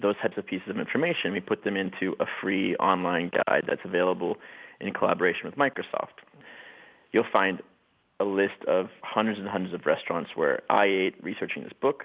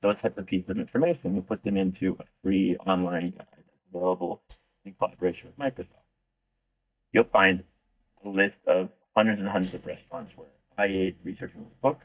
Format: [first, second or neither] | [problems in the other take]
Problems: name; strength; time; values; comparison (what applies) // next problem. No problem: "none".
first | noise reduction (neural mask model DeepFilterNet 3)